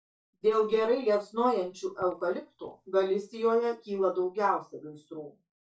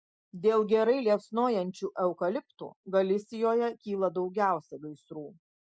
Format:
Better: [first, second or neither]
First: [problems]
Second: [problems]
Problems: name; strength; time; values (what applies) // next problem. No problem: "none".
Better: second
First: noise reduction (neural mask model DeepFilterNet 3)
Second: none